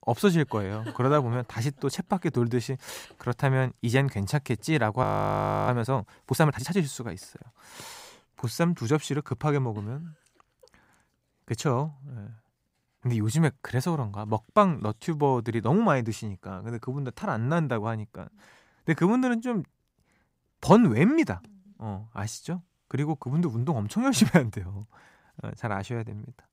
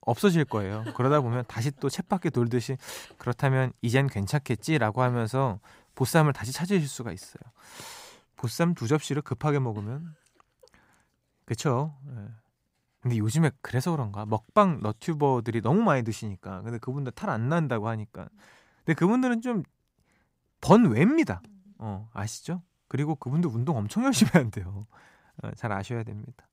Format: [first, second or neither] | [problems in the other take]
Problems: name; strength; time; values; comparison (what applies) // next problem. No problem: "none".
second | audio freezing; at 5 s for 0.5 s